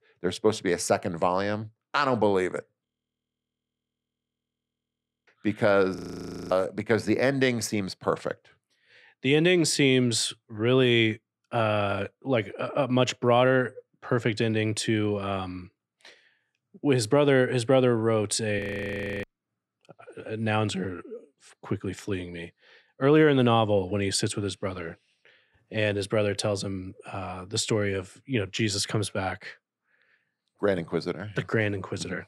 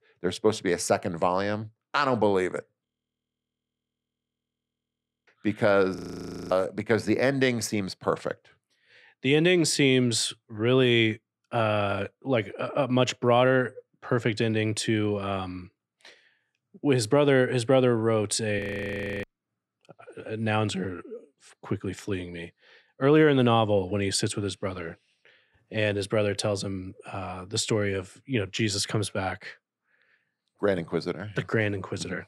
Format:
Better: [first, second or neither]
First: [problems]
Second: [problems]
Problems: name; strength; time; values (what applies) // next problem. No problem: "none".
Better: neither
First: audio freezing; at 3 s for 2.5 s, at 6 s for 0.5 s and at 19 s for 0.5 s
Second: audio freezing; at 3 s for 2.5 s, at 6 s for 0.5 s and at 19 s for 0.5 s